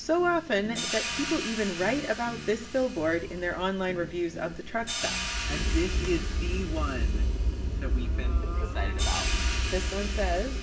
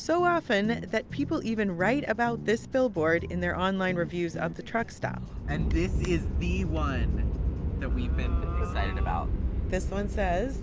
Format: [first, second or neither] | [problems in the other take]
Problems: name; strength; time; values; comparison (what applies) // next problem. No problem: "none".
second | background sound (Hi-hat); 10 dB below the speech // room echo; dies away in 0.6 s